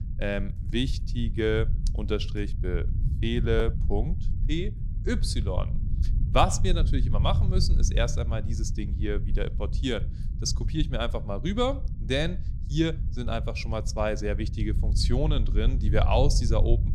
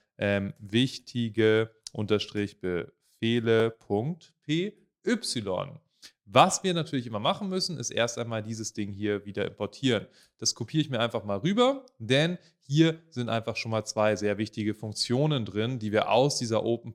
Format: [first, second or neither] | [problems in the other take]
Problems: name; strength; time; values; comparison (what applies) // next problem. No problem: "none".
second | low rumble; noticeable; throughout; 15 dB below the speech